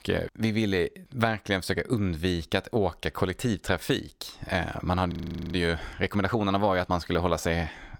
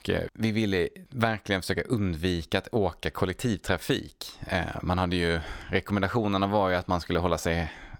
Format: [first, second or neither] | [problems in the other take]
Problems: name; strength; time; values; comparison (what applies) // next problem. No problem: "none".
second | audio freezing; at 5 s